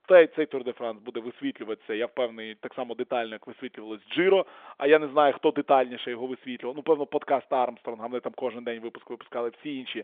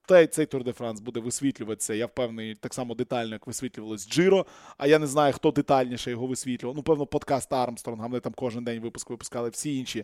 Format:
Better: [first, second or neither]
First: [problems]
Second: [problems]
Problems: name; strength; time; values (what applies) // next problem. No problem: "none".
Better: second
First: phone-call audio; nothing above 3.5 kHz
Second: none